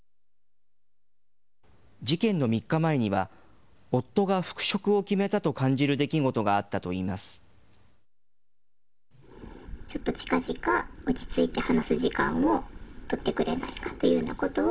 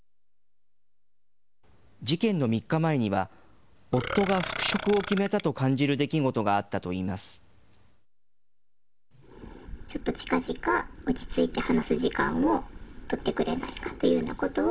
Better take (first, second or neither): first